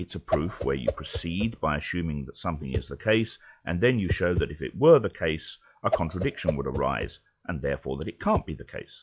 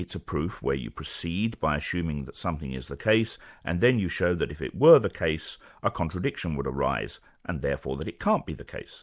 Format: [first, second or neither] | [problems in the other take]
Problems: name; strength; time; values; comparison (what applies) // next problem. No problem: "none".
second | noise reduction (classical method log-MMSE)